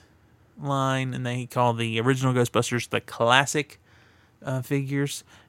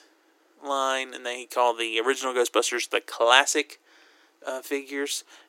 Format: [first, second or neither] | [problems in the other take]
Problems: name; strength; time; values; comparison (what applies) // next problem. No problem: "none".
first | thin; very; fading below 300 Hz